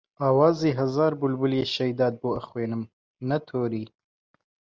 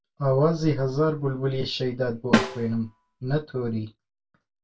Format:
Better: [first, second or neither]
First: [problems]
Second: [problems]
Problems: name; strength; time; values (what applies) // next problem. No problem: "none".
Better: first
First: none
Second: background sound (Snare drum); 2 dB below the speech // room echo; dies away in 0.1 s